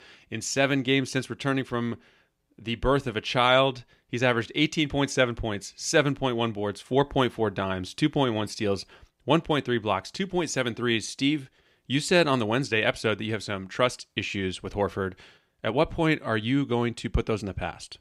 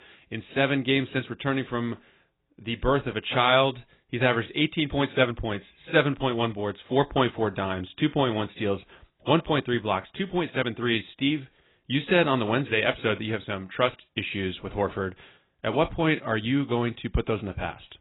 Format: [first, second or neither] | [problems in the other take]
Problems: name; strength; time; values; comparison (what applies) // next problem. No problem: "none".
first | garbled, watery; badly; nothing above 4 kHz